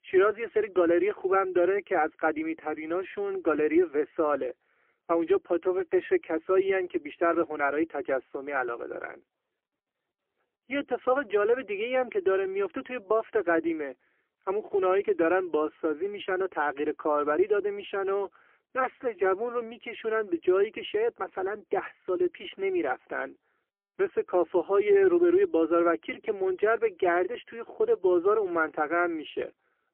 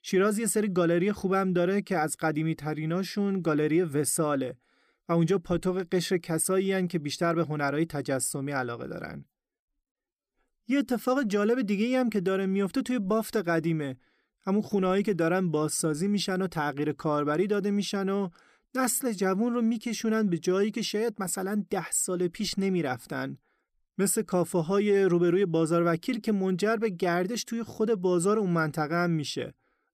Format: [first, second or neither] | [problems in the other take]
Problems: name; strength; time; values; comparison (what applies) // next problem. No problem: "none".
second | phone-call audio; poor line; nothing above 3 kHz